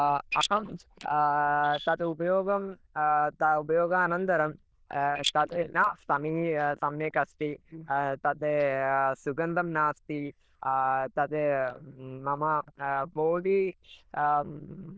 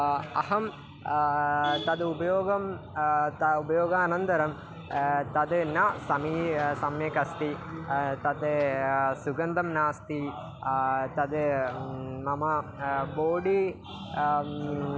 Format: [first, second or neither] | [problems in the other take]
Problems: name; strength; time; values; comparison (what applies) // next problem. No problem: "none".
second | noise reduction (neural diffusion model UNIVERSE++)